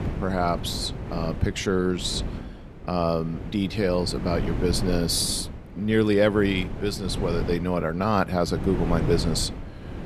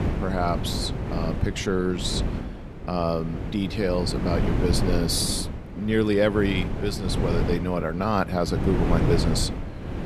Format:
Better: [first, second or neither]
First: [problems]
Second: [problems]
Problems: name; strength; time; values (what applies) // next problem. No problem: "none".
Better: first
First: wind noise on the microphone; occasional gusts; 15 dB below the speech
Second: wind noise on the microphone; heavy; 7 dB below the speech